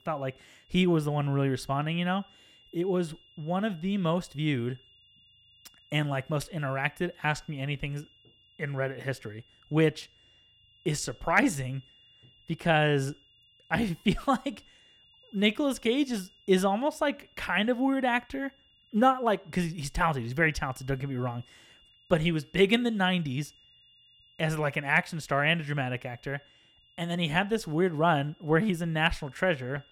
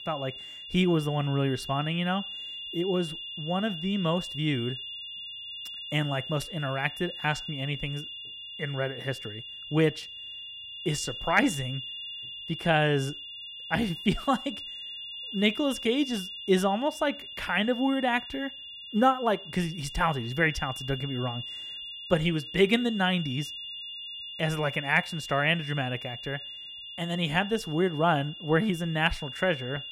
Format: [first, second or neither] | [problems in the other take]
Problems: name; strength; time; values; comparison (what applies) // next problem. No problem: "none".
first | high-pitched whine; loud; throughout; 3 kHz, 9 dB below the speech; faint in the first